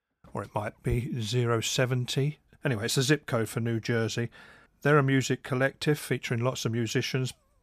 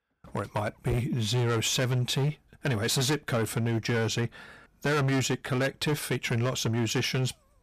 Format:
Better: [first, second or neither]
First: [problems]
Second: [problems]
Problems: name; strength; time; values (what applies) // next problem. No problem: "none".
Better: first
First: none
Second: distortion; heavy; 17% of the sound clipped